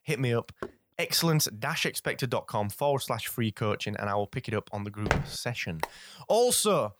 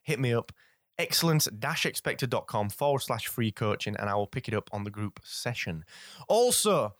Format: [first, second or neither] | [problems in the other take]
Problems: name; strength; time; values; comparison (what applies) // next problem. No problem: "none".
second | door banging; faint; at 0.5 s; peak 15 dB below the speech // footsteps; noticeable; at 5 s; peak 1 dB below the speech // phone ringing; very faint; at 6 s; peak 9 dB below the speech